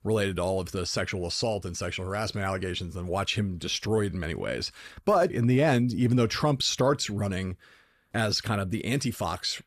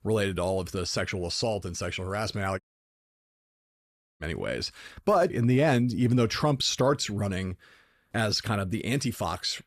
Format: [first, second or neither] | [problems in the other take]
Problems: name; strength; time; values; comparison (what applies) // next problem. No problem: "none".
first | audio cutting out; at 2.5 s for 1.5 s